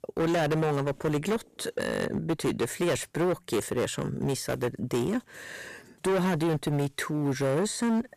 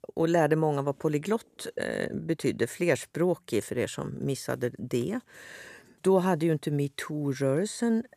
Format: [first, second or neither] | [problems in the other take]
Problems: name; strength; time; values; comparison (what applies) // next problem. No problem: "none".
second | distortion; heavy; 16% of the sound clipped